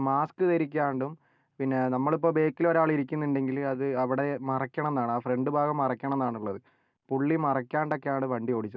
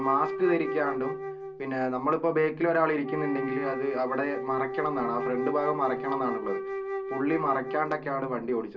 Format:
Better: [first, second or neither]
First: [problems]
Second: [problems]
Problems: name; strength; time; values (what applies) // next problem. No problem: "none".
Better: first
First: none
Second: background sound (Wind instrument, woodwind instrument); 6 dB below the speech // room echo; dies away in 0.2 s